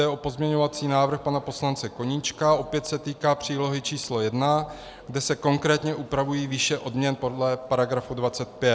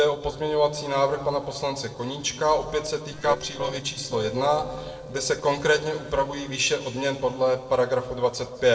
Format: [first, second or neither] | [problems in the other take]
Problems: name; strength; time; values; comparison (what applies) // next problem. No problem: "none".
first | noise reduction (neural separator model SepFormer DNS4)